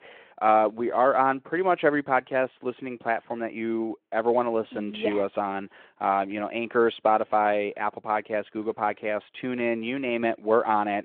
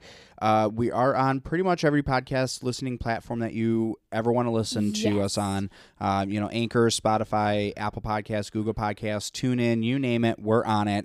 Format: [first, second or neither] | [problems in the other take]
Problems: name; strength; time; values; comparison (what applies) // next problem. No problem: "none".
second | phone-call audio